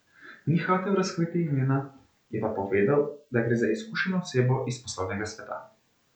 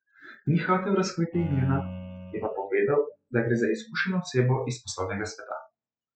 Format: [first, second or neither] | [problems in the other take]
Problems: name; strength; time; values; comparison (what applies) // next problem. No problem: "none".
first | noise reduction (classical method spectral subtraction)